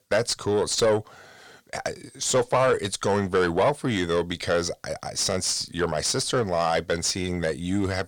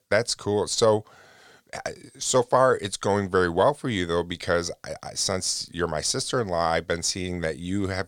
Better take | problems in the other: second | distortion; slight; 10 dB below the speech

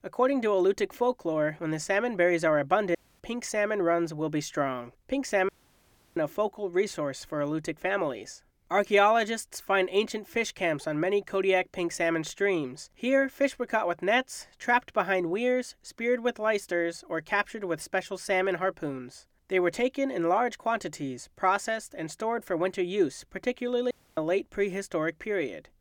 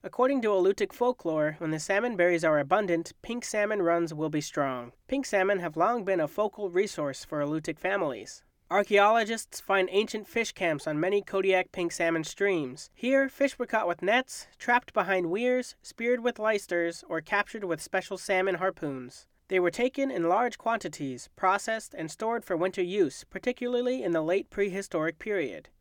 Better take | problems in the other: second | audio cutting out; at 3 s, at 5.5 s for 0.5 s and at 24 s

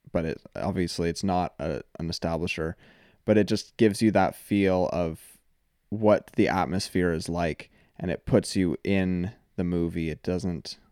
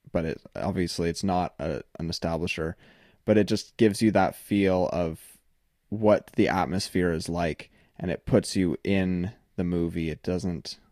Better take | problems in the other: first | garbled, watery; slightly; nothing above 14.5 kHz

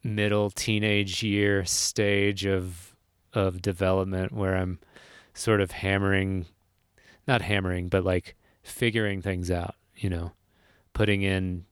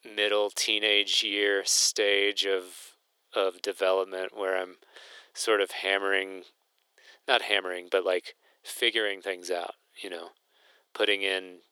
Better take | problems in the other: first | thin; very; fading below 400 Hz

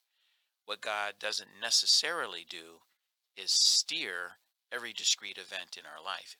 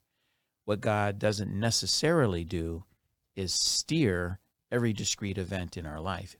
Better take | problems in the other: second | thin; very; fading below 950 Hz

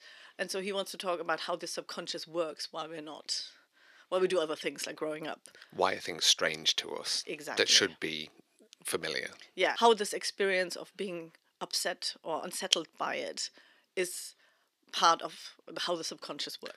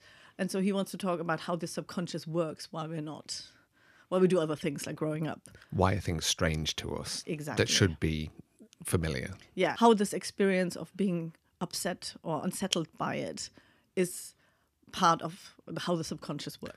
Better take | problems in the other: second | thin; somewhat; fading below 450 Hz

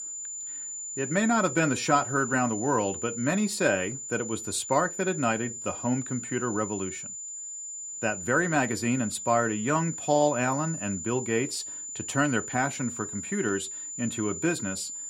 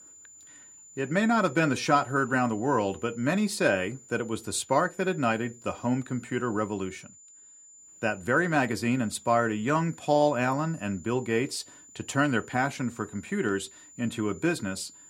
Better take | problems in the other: second | high-pitched whine; loud; throughout; 7 kHz, 7 dB below the speech; faint in the second

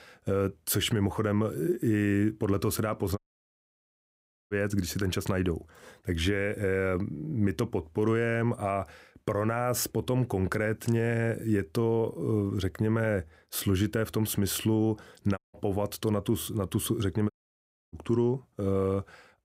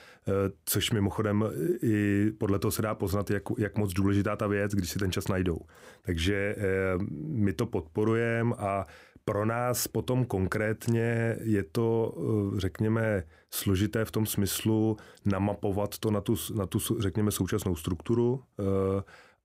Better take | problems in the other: second | audio cutting out; at 3 s for 1.5 s, at 15 s and at 17 s for 0.5 s

